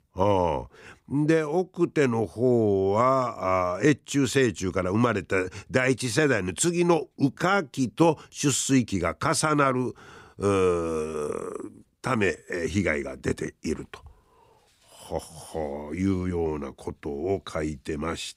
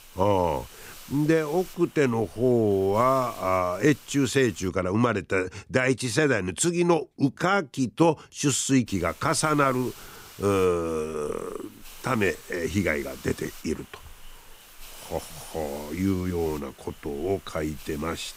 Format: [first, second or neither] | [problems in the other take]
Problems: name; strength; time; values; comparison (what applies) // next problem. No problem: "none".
first | hiss; faint; until 4.5 s and from 9 s on; 20 dB below the speech